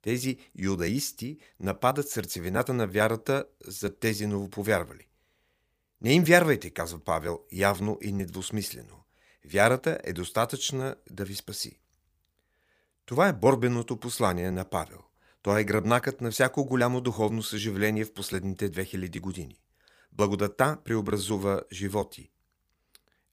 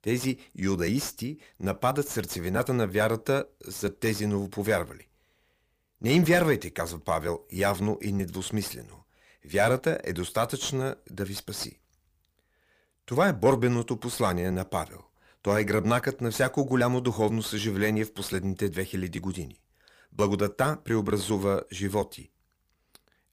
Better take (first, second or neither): first